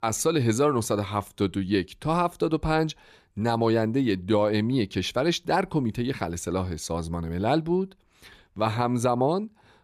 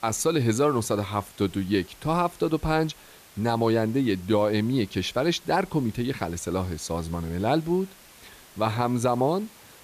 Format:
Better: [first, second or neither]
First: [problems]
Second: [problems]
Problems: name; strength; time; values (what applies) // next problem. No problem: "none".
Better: first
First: none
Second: hiss; faint; throughout; 25 dB below the speech